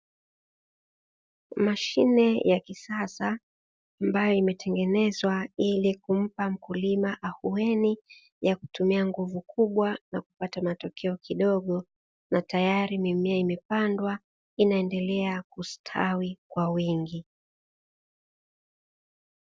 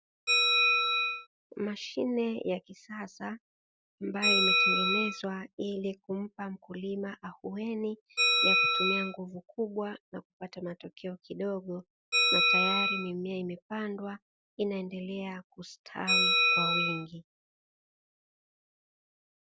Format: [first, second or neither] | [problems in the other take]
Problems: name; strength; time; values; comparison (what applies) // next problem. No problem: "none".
first | background sound (Bell); 5 dB above the speech